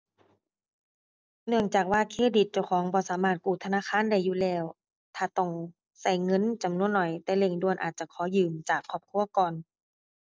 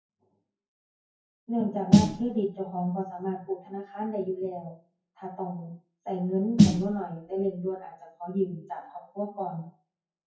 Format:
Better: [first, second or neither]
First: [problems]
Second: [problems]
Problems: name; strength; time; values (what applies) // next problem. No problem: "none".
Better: first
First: none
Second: noise reduction (classical method WPE with log-MMSE)